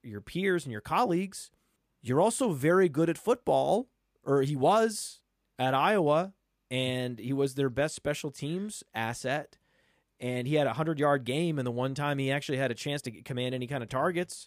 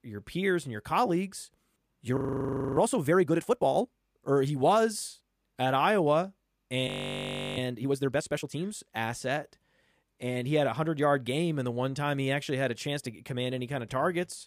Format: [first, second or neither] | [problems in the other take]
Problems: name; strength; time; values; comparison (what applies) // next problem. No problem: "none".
first | audio freezing; at 2 s for 0.5 s and at 7 s for 0.5 s